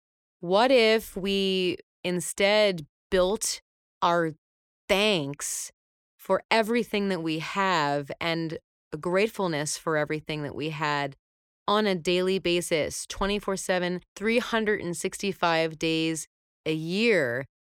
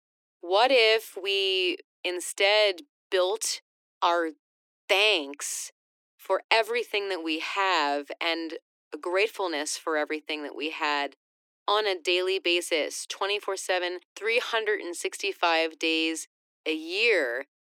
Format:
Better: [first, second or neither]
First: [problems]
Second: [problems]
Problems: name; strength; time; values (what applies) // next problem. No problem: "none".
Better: first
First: none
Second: thin; somewhat; fading below 300 Hz